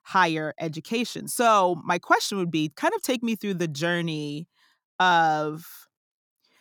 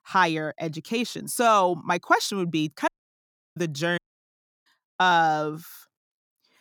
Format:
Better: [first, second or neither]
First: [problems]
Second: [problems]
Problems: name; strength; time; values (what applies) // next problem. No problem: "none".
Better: first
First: none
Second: audio cutting out; at 3 s for 0.5 s and at 4 s for 0.5 s